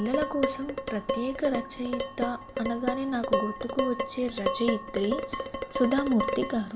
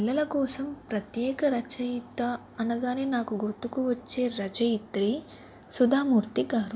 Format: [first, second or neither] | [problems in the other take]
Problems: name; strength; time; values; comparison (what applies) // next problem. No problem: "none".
second | background sound (Dishes, pots, and pans); 2 dB below the speech